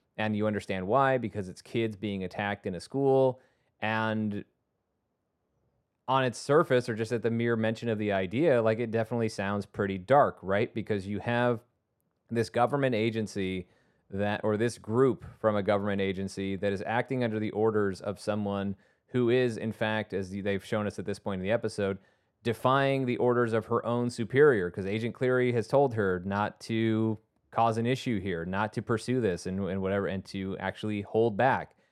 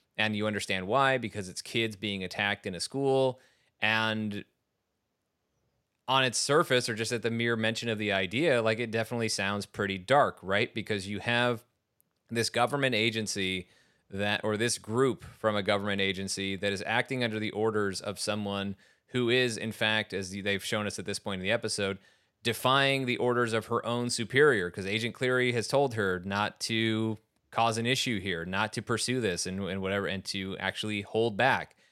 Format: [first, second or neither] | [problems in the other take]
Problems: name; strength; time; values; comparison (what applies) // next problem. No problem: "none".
second | muffled; slightly; fading above 2 kHz